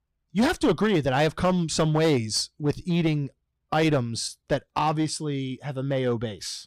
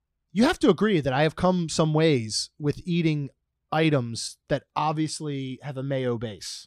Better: second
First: distortion; slight; 7% of the sound clipped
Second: none

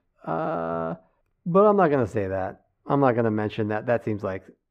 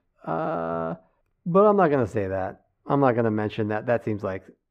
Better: neither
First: muffled; very; fading above 3.5 kHz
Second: muffled; very; fading above 3.5 kHz

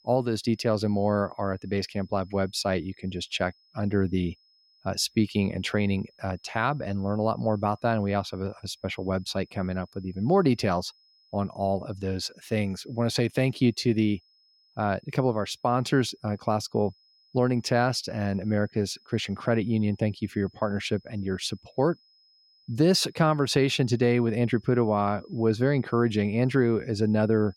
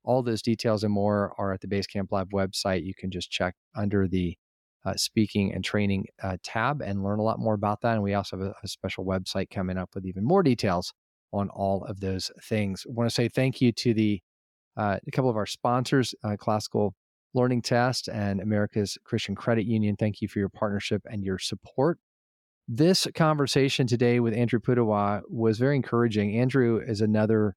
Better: second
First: high-pitched whine; faint; throughout; 5 kHz, 35 dB below the speech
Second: none

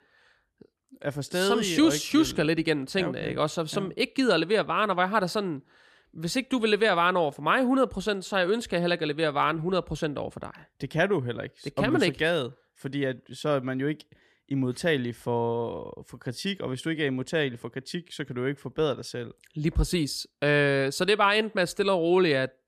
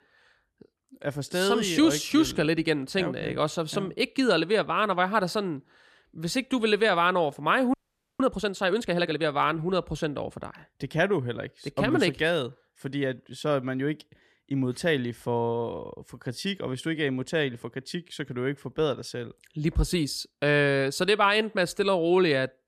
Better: first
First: none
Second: audio freezing; at 7.5 s

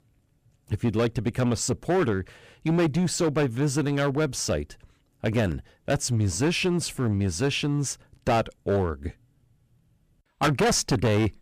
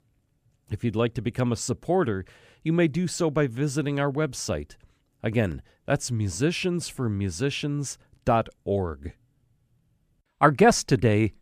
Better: second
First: distortion; heavy; 9% of the sound clipped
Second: none

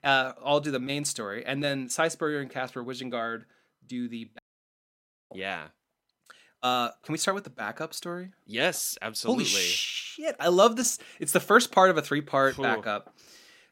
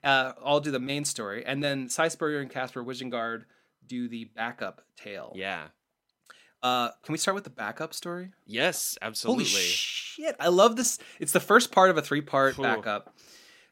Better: second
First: audio cutting out; at 4.5 s for 1 s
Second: none

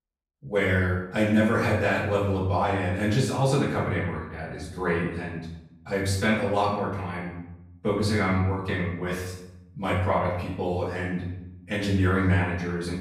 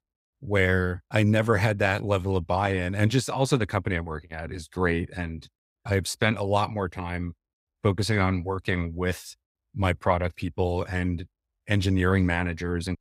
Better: second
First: off-mic speech; far // room echo; noticeable; dies away in 0.7 s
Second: none

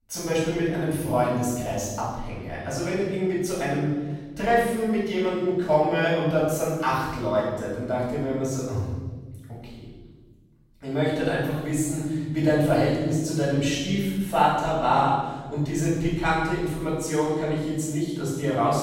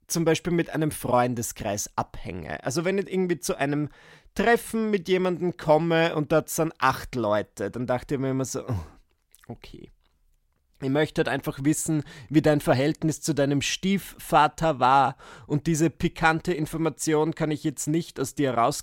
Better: second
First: room echo; strong; dies away in 1.3 s // off-mic speech; far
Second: none

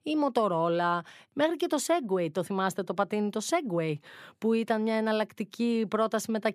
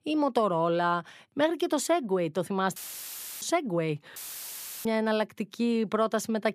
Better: first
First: none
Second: audio cutting out; filled with static; at 3 s for 0.5 s and at 4 s for 0.5 s

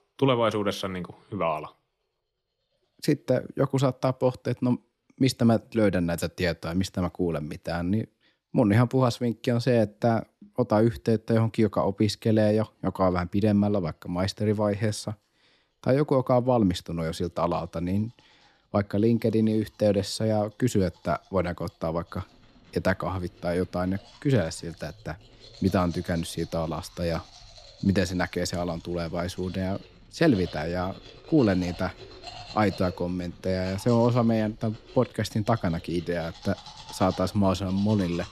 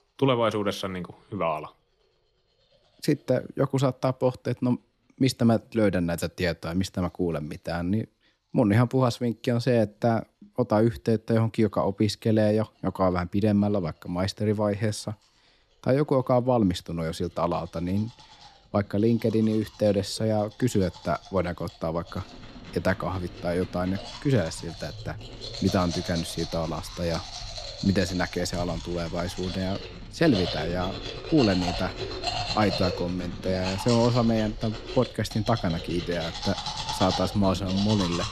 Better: first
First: household noises; faint; throughout; 20 dB below the speech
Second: household noises; loud; throughout; 8 dB below the speech

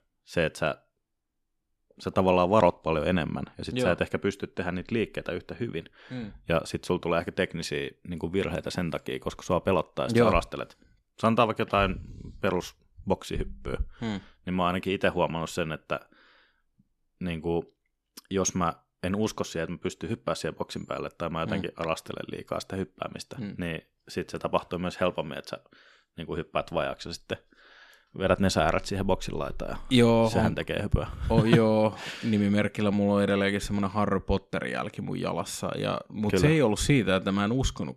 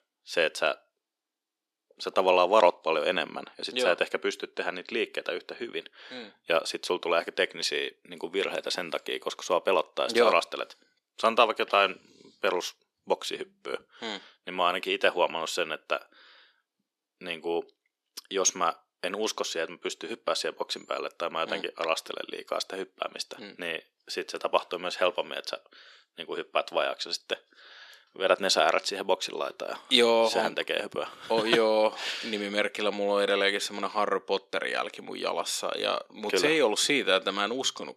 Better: first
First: none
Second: thin; somewhat; fading below 350 Hz

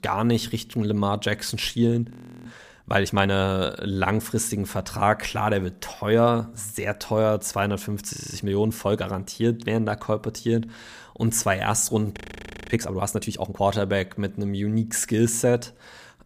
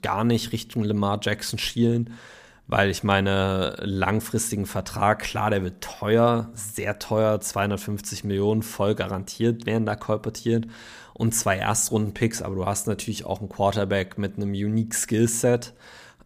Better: second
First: audio freezing; at 2 s, at 8 s and at 12 s for 0.5 s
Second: none

